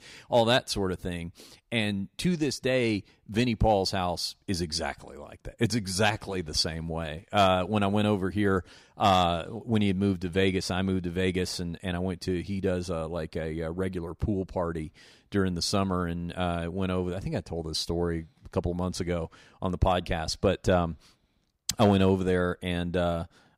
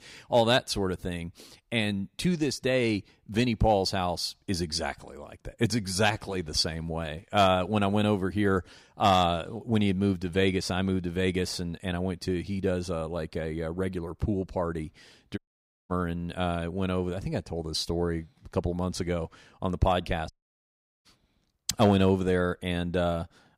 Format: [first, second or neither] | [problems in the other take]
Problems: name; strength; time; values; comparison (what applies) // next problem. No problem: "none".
first | audio cutting out; at 15 s for 0.5 s and at 20 s for 0.5 s